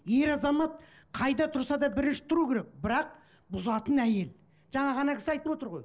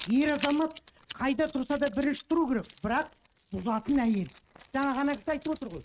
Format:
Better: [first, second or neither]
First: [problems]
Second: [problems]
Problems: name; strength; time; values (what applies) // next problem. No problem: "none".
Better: first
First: none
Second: noise reduction (neural mask model RNNoise)